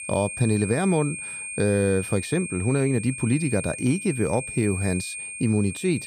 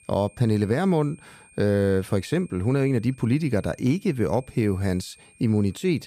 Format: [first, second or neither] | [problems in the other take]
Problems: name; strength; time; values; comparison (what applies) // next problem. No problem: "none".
second | high-pitched whine; loud; throughout; 2.5 kHz, 8 dB below the speech; faint in the second